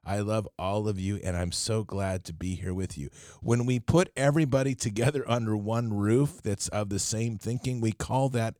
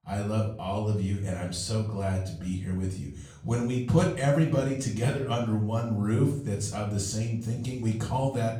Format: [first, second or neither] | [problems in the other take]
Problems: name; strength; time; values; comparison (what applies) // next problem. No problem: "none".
first | off-mic speech; far // room echo; slight; dies away in 0.5 s